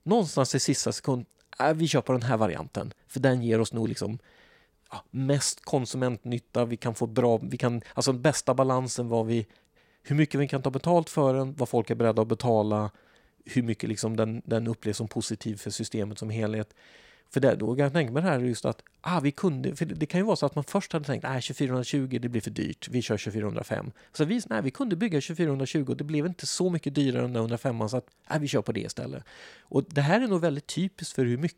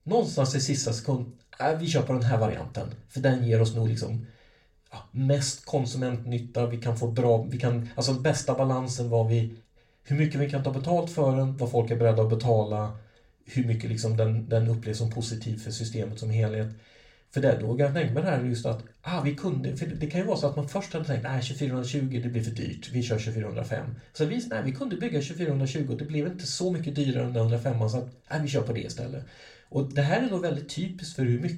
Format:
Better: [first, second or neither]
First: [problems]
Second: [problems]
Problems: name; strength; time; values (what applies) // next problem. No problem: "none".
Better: first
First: none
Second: room echo; very slight; dies away in 0.3 s // off-mic speech; far